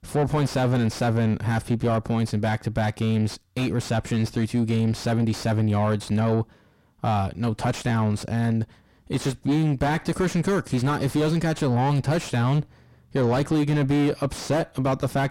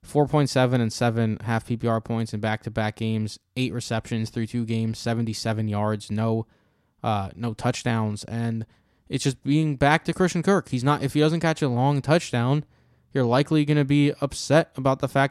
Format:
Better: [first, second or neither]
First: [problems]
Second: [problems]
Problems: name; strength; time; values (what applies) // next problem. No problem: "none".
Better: second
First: distortion; heavy; 5 dB below the speech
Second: none